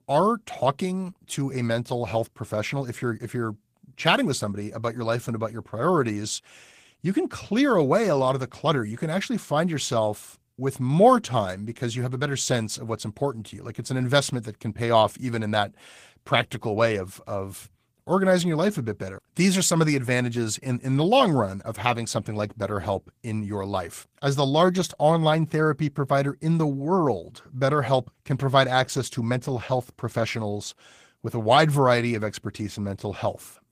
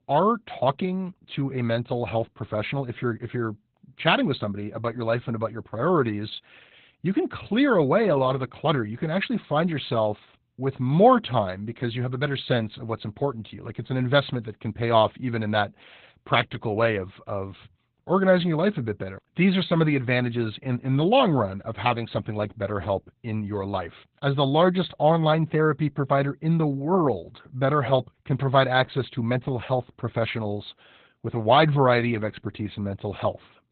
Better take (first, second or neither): first